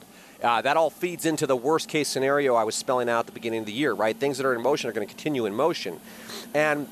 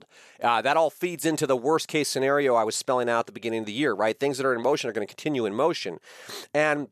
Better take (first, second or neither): second